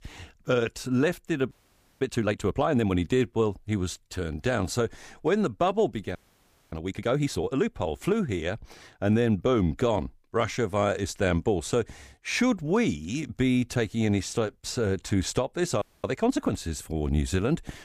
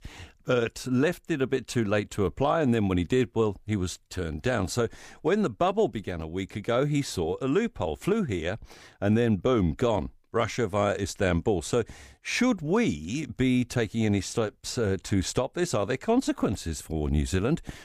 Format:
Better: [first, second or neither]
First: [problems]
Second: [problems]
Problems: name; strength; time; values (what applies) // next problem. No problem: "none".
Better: second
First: audio freezing; at 1.5 s, at 6 s for 0.5 s and at 16 s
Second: none